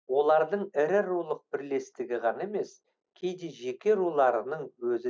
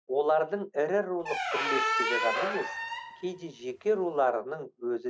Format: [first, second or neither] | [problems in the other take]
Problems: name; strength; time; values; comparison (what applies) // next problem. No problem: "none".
first | background sound (Squeak); 2 dB below the speech